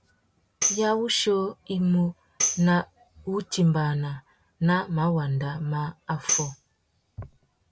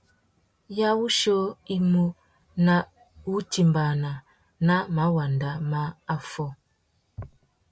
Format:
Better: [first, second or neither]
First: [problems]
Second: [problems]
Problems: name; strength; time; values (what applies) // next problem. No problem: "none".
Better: second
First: background sound (Tambourine); 6 dB below the speech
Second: none